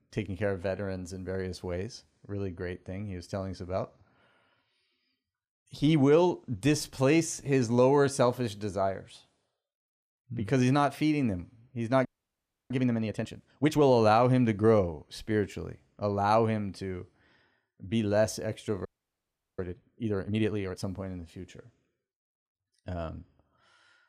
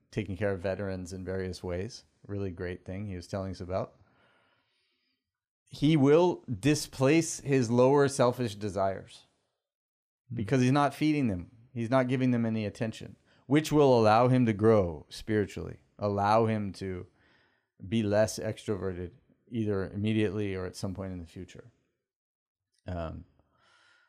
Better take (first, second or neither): second